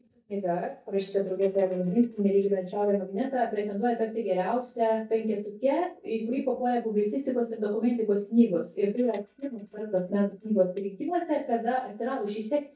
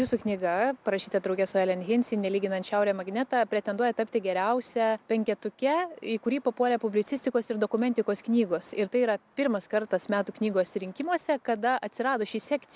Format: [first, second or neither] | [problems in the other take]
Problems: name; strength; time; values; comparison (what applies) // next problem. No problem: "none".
second | noise reduction (neural mask model DeepFilterNet 3)